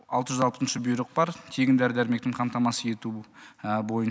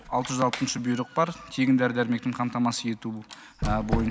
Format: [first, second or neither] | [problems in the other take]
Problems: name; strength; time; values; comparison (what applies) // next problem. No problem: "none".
first | background sound (Squeak); 9 dB below the speech